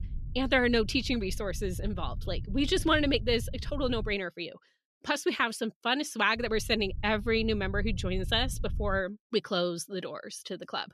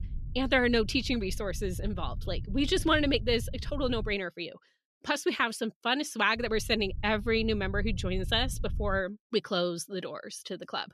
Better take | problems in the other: neither | low rumble; faint; until 4 s and from 6.5 to 9 s; 25 dB below the speech; the same in both

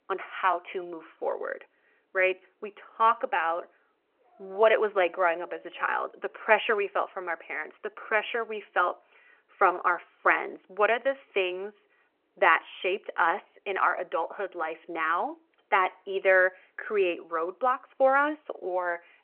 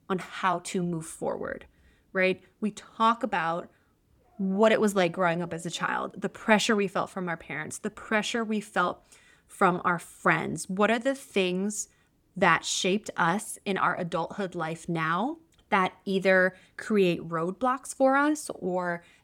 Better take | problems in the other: second | phone-call audio

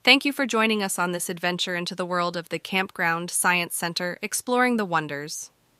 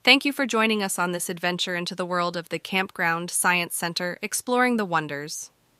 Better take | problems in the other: neither | none

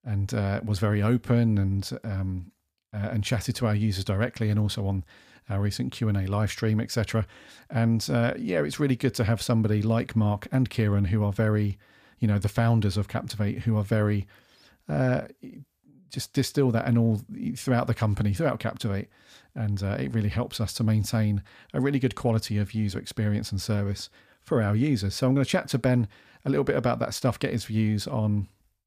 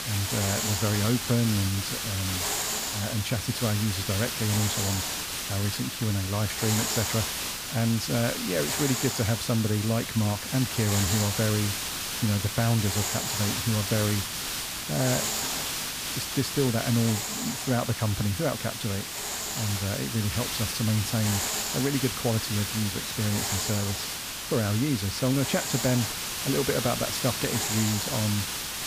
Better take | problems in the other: first | hiss; loud; throughout; 1 dB below the speech

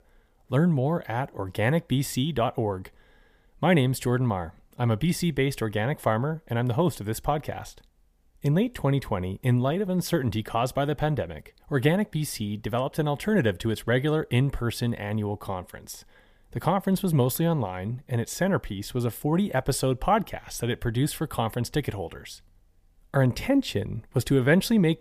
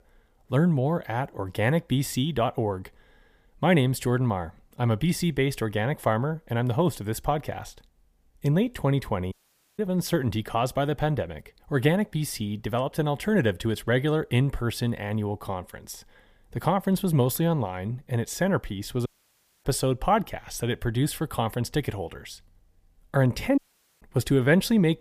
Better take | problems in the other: first | audio cutting out; at 9.5 s, at 19 s for 0.5 s and at 24 s

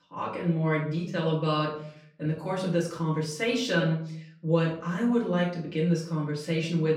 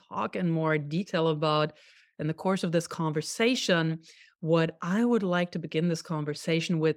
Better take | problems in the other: second | off-mic speech; far // room echo; slight; dies away in 0.5 s

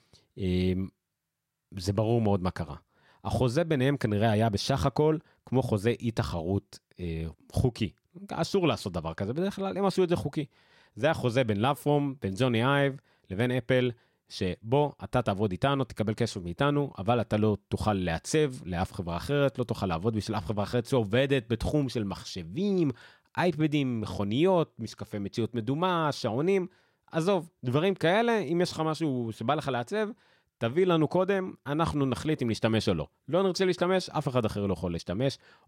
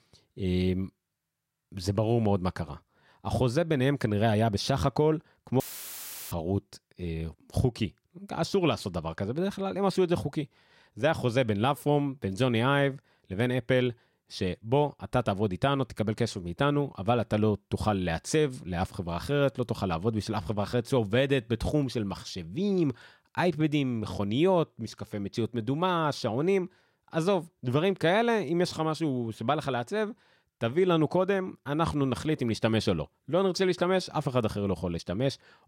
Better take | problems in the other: first | audio cutting out; filled with static; at 5.5 s for 0.5 s

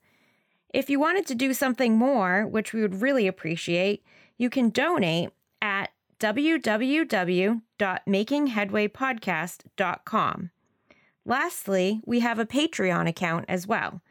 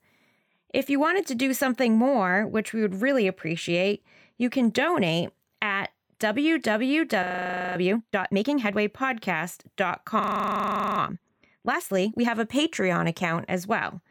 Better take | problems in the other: first | audio freezing; at 7 s for 0.5 s and at 10 s for 1 s

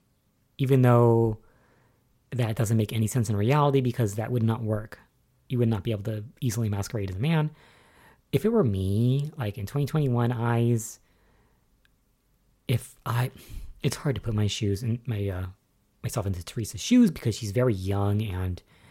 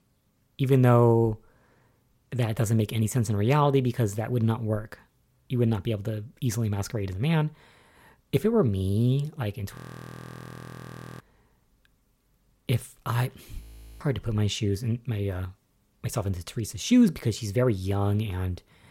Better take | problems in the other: first | audio freezing; at 10 s for 1.5 s and at 14 s

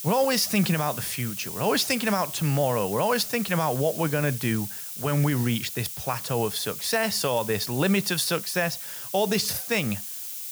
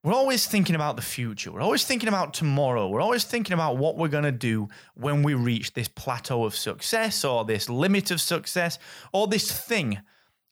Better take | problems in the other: second | hiss; loud; throughout; 7 dB below the speech

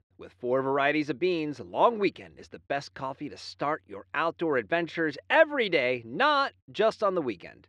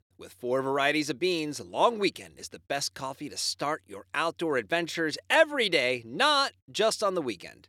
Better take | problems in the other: second | muffled; slightly; fading above 2.5 kHz

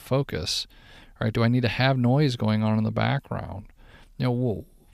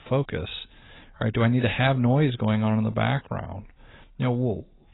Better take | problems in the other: first | garbled, watery; badly; nothing above 4 kHz

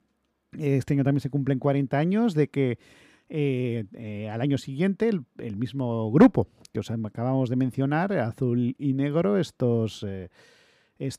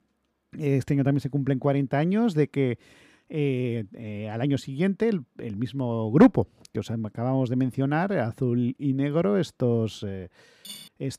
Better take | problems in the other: first | clattering dishes; faint; at 11 s; peak 15 dB below the speech

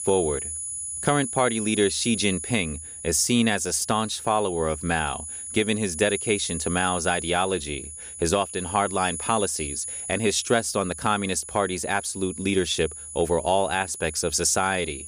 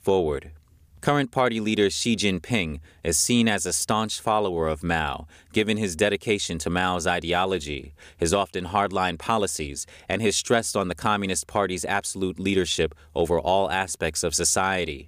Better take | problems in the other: second | high-pitched whine; loud; throughout; 10 kHz, 8 dB below the speech

